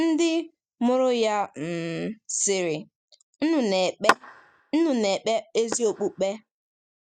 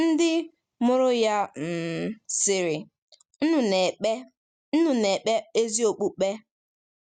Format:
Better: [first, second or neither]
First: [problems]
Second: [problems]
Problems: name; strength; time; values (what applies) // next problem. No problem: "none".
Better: second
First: noise reduction (neural mask model DeepFilterNet 3)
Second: none